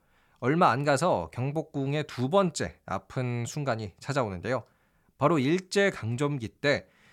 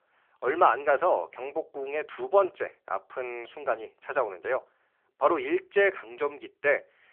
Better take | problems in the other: first | phone-call audio

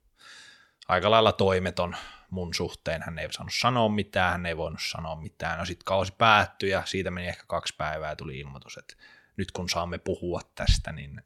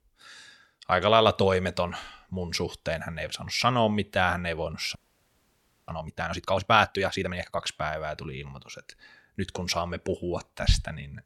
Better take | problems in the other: first | audio freezing; at 5 s for 1 s

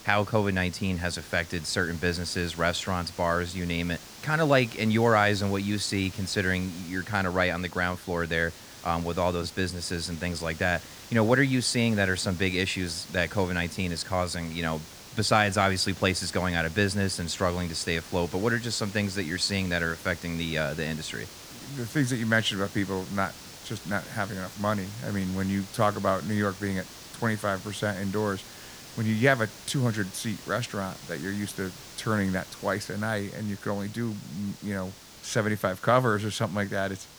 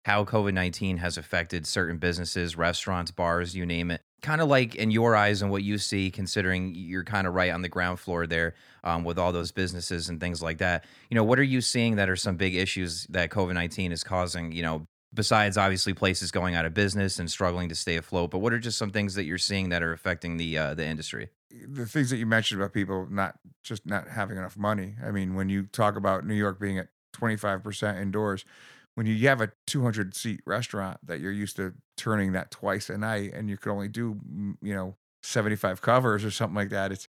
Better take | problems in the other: second | hiss; noticeable; throughout; 15 dB below the speech

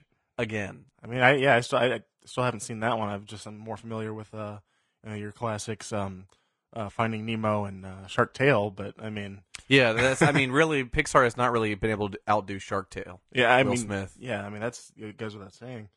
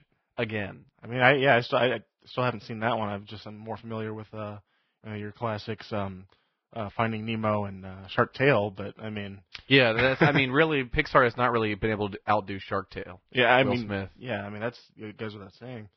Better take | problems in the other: first | garbled, watery; badly; nothing above 5.5 kHz; slightly in the first

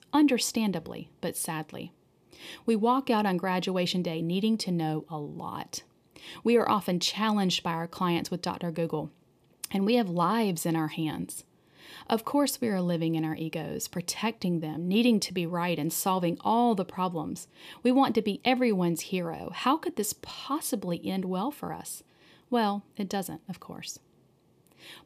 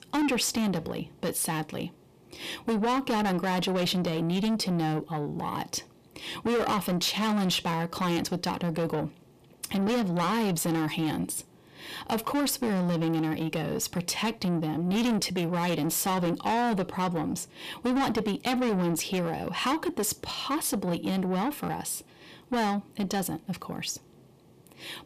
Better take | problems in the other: first | distortion; heavy; 7 dB below the speech

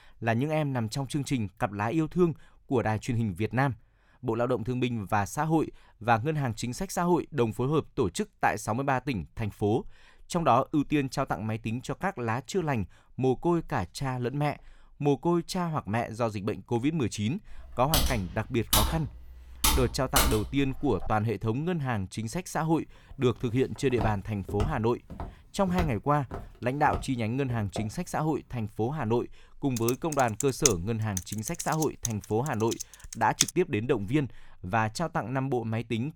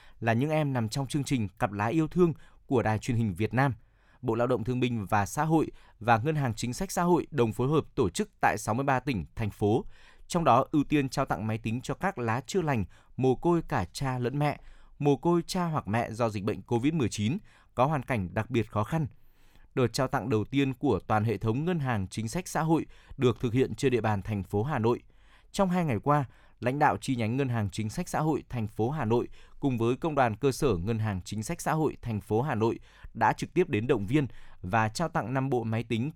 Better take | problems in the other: second | keyboard typing; loud; from 18 to 21 s and from 30 to 33 s; peak 4 dB above the speech // footsteps; noticeable; from 24 to 28 s; peak 6 dB below the speech

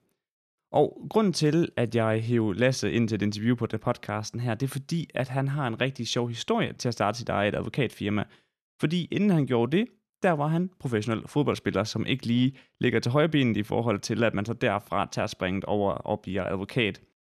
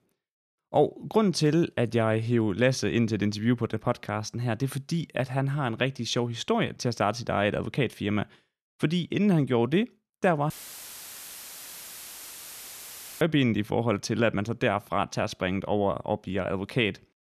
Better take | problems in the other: first | audio cutting out; filled with static; at 11 s for 2.5 s

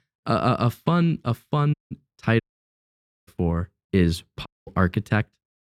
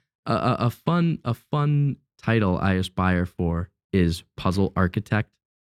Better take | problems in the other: second | audio cutting out; at 1.5 s, at 2.5 s for 1 s and at 4.5 s

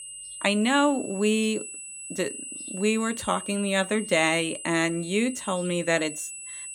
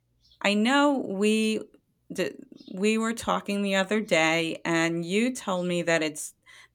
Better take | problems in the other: second | high-pitched whine; noticeable; throughout; 8 kHz, 10 dB below the speech

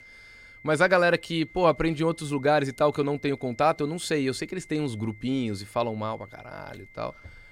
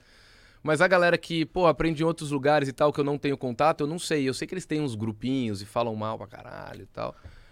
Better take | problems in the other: second | high-pitched whine; faint; throughout; 2 kHz, 25 dB below the speech

